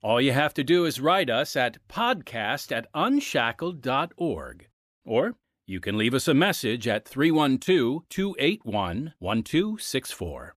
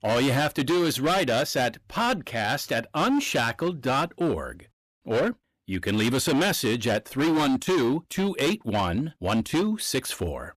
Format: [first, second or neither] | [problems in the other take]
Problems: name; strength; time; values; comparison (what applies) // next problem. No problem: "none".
first | distortion; heavy; 18% of the sound clipped